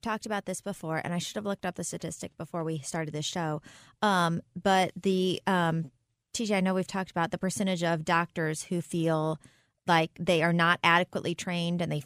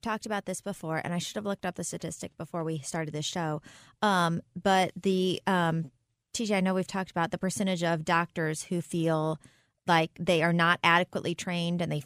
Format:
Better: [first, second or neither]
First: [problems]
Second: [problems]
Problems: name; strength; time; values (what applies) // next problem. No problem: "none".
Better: neither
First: none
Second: none